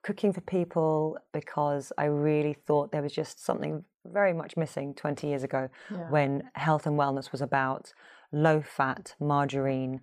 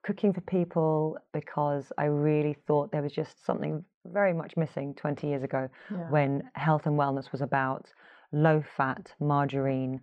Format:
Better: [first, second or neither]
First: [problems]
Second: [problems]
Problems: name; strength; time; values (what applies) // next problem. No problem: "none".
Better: first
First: none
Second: muffled; slightly; fading above 3.5 kHz